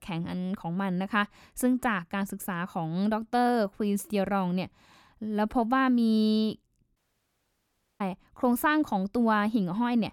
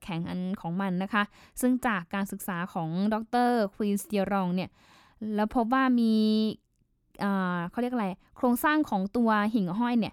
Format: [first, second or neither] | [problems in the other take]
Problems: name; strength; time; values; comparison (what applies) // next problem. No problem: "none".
second | audio cutting out; at 7 s for 1 s